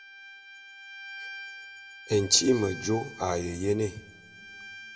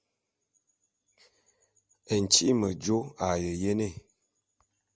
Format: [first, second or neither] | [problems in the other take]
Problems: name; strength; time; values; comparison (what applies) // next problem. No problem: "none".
second | background sound (Bowed string instrument); 14 dB below the speech // room echo; dies away in 0.8 s